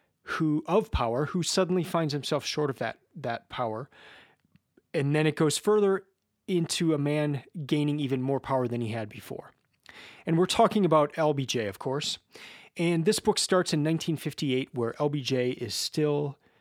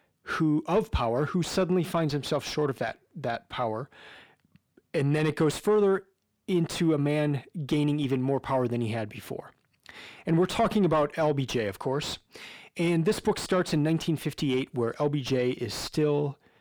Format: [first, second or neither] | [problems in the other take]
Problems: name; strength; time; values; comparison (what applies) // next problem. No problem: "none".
first | distortion; slight; 10 dB below the speech